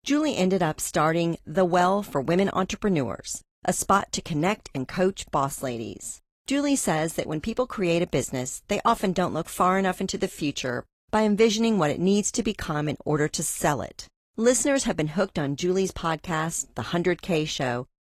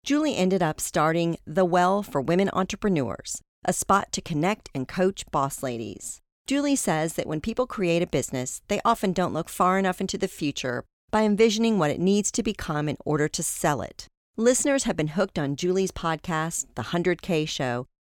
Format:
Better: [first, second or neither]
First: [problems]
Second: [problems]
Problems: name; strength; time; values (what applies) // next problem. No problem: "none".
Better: second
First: garbled, watery; slightly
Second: none